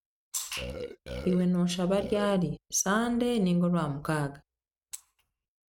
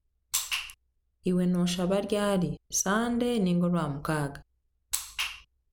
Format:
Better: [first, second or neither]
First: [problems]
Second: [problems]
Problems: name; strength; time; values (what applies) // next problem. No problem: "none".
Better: second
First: noise reduction (neural mask model RNNoise)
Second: none